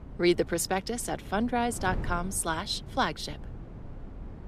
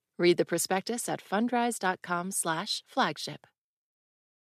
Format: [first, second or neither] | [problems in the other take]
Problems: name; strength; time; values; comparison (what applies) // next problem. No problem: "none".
second | wind noise on the microphone; occasional gusts; 20 dB below the speech